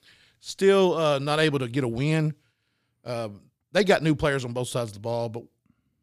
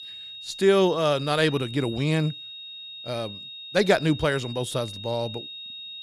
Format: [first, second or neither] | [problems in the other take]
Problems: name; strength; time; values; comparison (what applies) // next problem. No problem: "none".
first | high-pitched whine; noticeable; throughout; 3.5 kHz, 10 dB below the speech